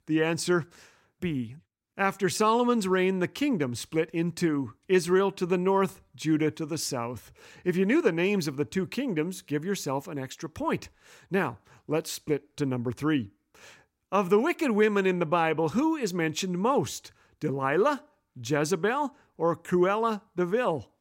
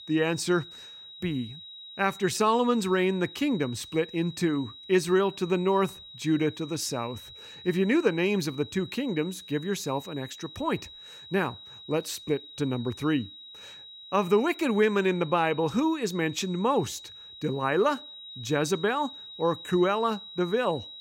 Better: first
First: none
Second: high-pitched whine; noticeable; throughout; 4 kHz, 15 dB below the speech

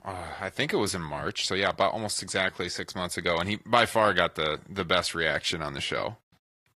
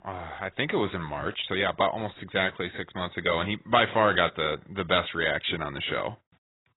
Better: first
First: garbled, watery; slightly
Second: garbled, watery; badly; nothing above 4 kHz

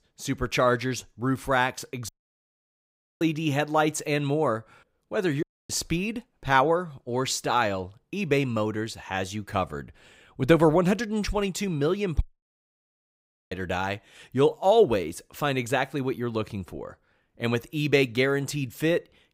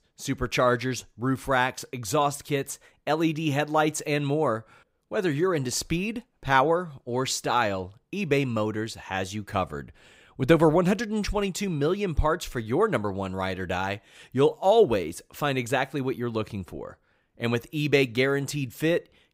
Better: second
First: audio cutting out; at 2 s for 1 s, at 5.5 s and at 12 s for 1.5 s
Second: none

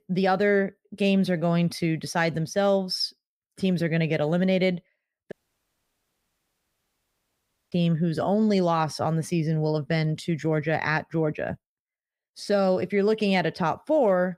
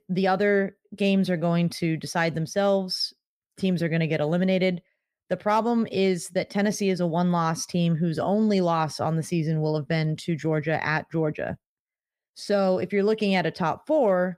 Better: second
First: audio cutting out; at 5.5 s for 2.5 s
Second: none

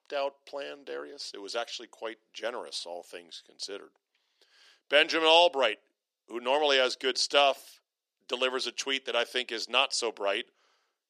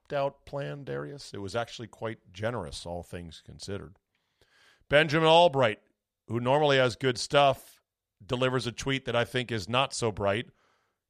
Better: second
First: thin; somewhat; fading below 300 Hz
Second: none

